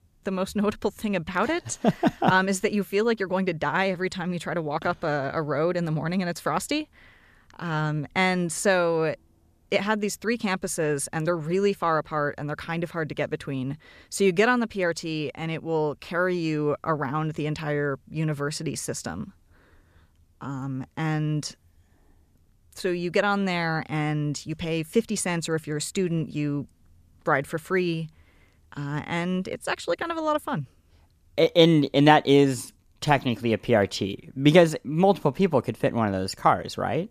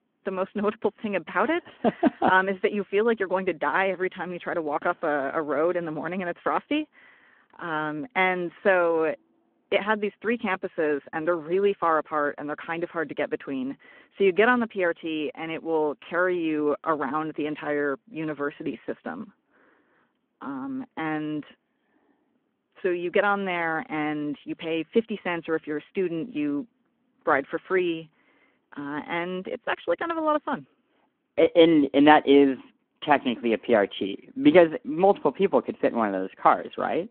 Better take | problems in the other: first | phone-call audio

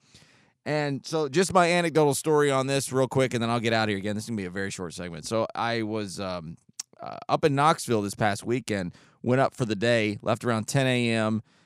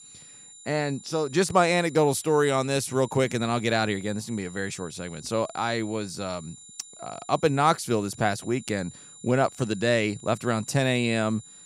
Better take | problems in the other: first | high-pitched whine; noticeable; throughout; 7 kHz, 20 dB below the speech

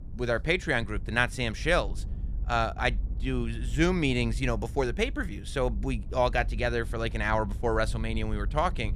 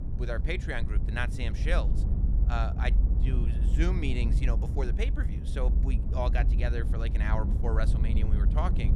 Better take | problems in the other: first | low rumble; loud; throughout; 8 dB below the speech; faint in the first

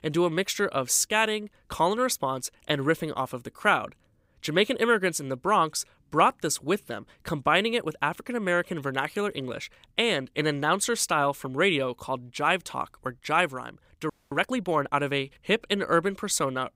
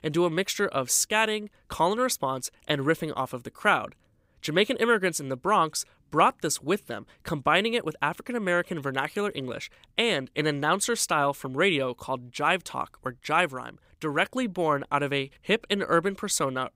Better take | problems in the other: second | audio freezing; at 14 s

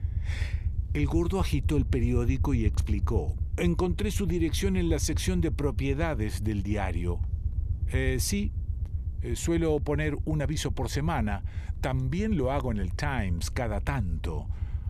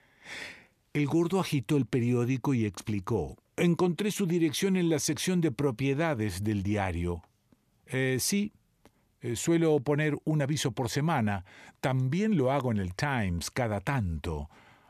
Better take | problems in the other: second | low rumble; noticeable; throughout; 15 dB below the speech

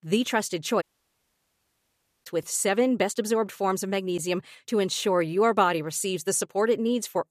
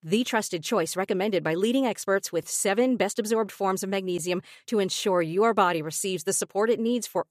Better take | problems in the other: second | audio cutting out; at 1 s for 1.5 s

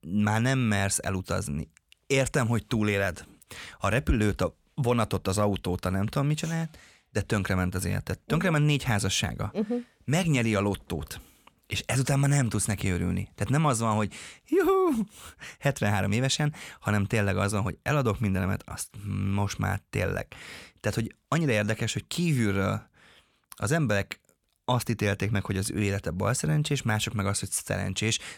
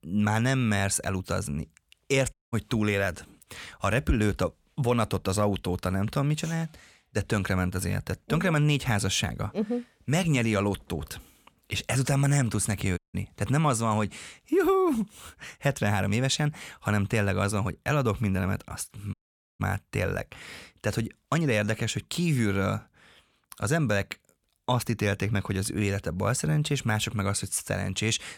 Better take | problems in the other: first | audio cutting out; at 2.5 s, at 13 s and at 19 s

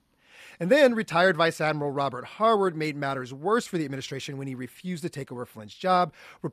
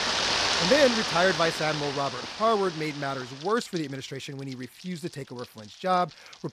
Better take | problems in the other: first | rain or running water; loud; throughout; 1 dB below the speech

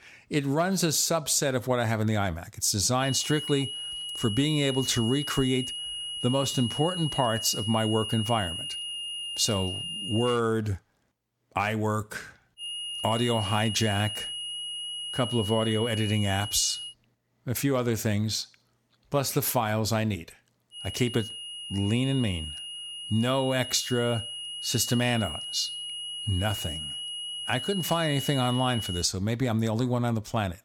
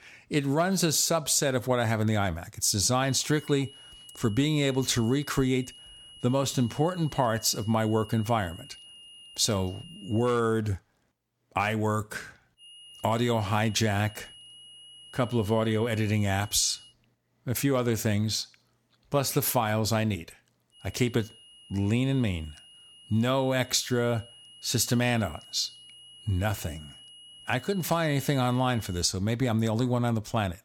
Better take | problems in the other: second | high-pitched whine; loud; from 3 to 10 s, from 13 to 17 s and from 21 to 29 s; 3 kHz, 6 dB below the speech; faint in the second

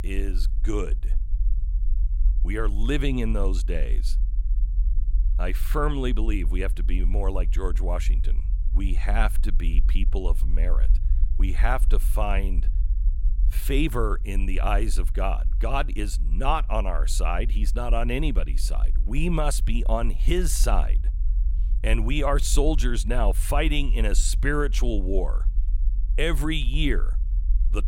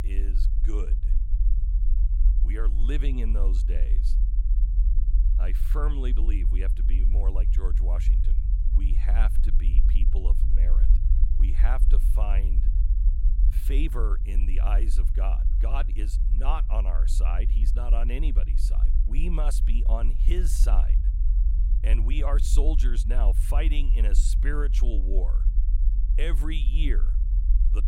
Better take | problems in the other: first | low rumble; loud; throughout; 9 dB below the speech; faint in the first

